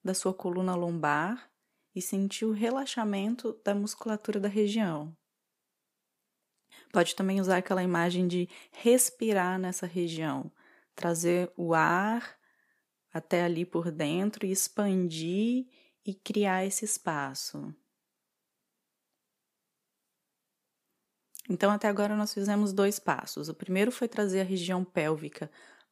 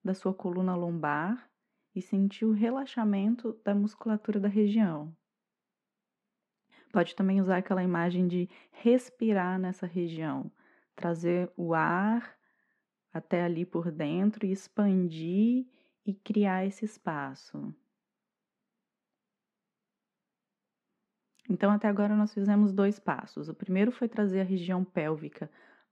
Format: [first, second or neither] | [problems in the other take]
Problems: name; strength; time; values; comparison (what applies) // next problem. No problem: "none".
first | muffled; very; fading above 2.5 kHz